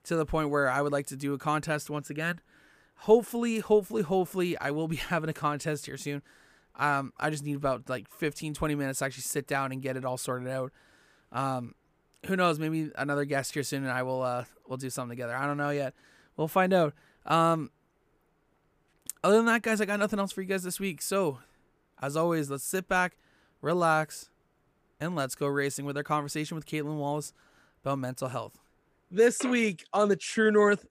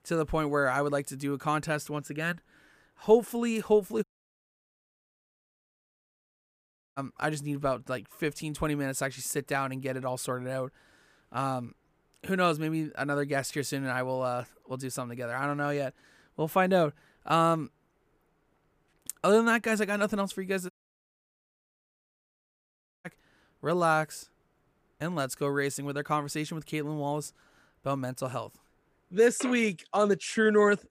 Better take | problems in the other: first | audio cutting out; at 4 s for 3 s and at 21 s for 2.5 s

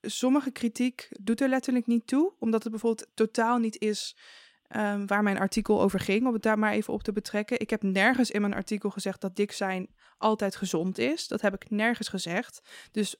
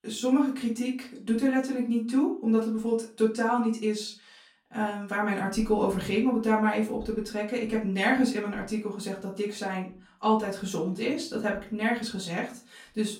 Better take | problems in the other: first | room echo; slight; dies away in 0.3 s // off-mic speech; far

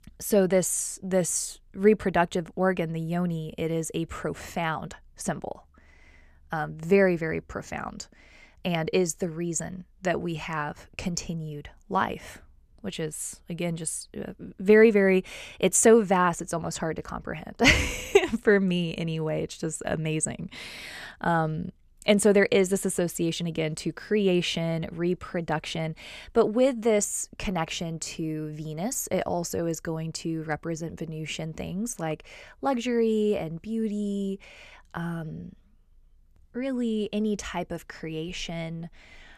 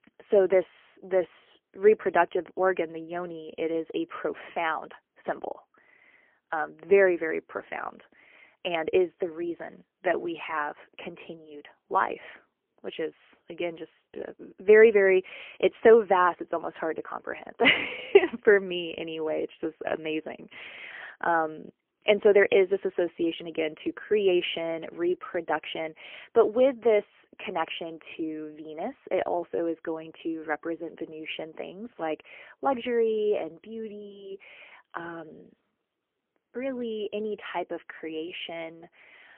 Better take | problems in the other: first | phone-call audio; poor line; nothing above 3 kHz

